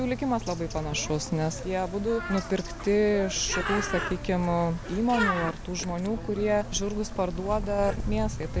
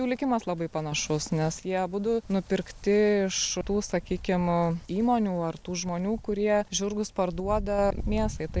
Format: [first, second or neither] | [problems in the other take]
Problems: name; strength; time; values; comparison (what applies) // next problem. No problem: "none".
second | background sound (Bird); 7 dB below the speech